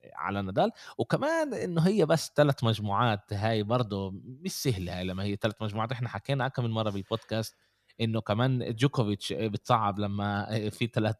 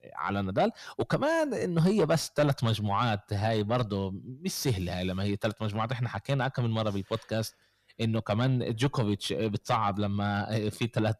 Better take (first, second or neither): first